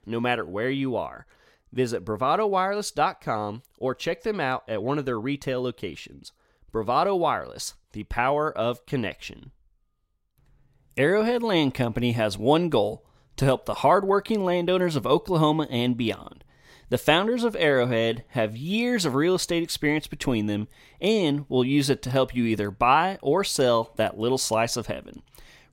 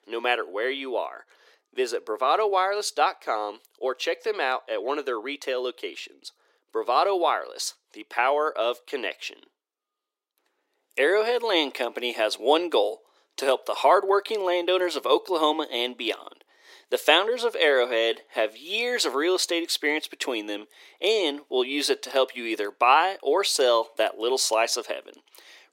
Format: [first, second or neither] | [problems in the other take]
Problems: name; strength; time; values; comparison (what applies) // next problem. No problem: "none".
first | thin; very; fading below 350 Hz